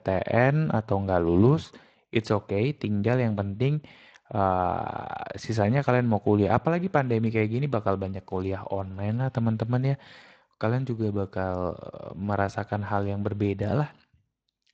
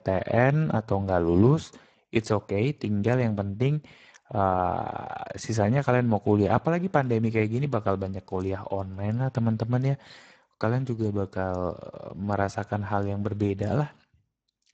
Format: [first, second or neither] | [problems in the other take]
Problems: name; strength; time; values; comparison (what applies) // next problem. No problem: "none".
first | garbled, watery; badly; nothing above 8 kHz; slightly in the first